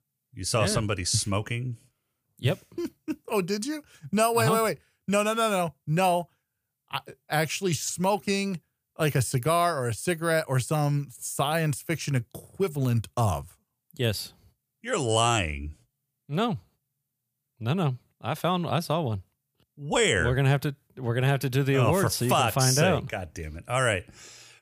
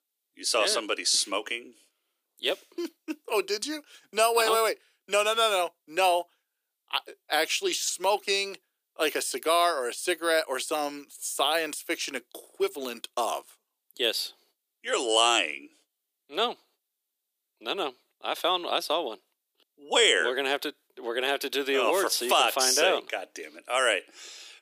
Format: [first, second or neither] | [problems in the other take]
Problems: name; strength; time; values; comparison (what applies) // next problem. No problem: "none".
first | thin; very; fading below 300 Hz